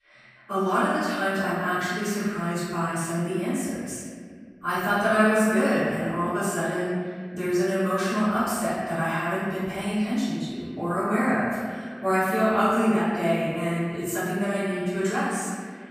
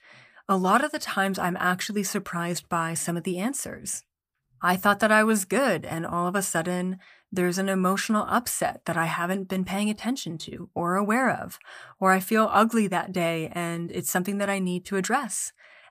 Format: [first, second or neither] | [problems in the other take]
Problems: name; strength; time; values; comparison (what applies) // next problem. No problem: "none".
second | off-mic speech; far // room echo; strong; dies away in 1.9 s